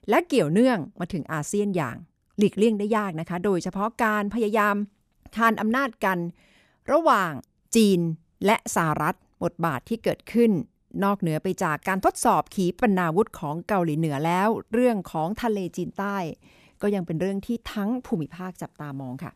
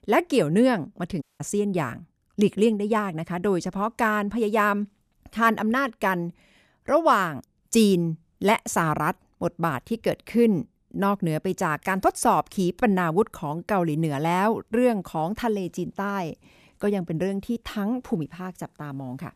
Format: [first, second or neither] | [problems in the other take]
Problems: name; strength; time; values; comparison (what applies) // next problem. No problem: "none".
first | audio cutting out; at 1 s